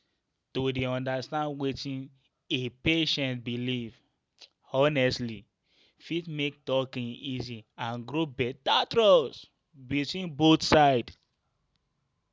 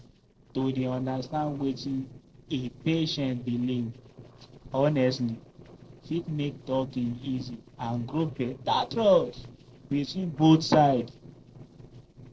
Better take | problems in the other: first | noise reduction (neural separator model SepFormer DNS4)

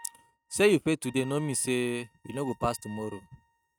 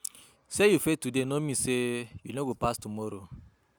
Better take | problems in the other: second | noise reduction (neural mask model RNNoise)

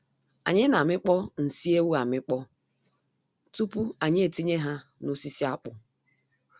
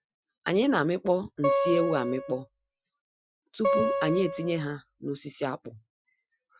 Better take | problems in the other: first | noise reduction (classical method Wiener filter)

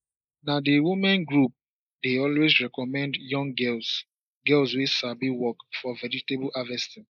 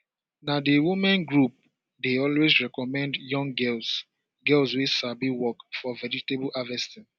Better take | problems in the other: second | noise reduction (neural mask model Resemble Enhance denoiser)

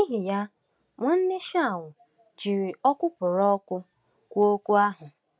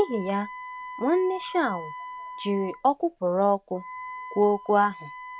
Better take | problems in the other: first | background sound (Wind instrument, woodwind instrument); 13 dB below the speech

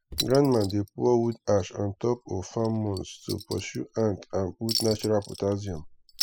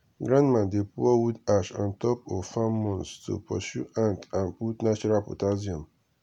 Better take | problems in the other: second | noise reduction (classical method spectral subtraction)

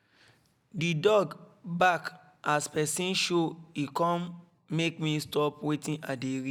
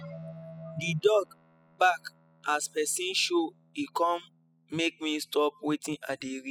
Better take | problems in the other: first | noise reduction (classical method spectral subtraction)

